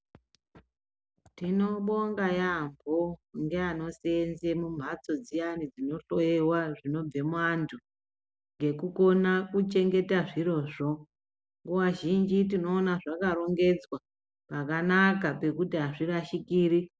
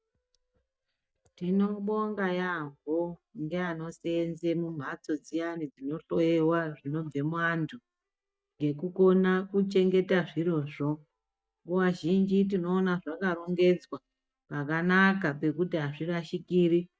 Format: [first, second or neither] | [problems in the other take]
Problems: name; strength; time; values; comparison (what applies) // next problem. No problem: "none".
first | noise reduction (neural mask model DeepFilterNet 3)